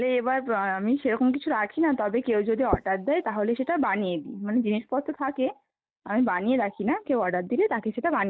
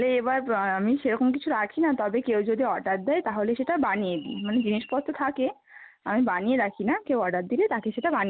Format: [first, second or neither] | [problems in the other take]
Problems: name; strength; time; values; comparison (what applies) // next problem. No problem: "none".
second | noise reduction (neural mask model DeepFilterNet 3)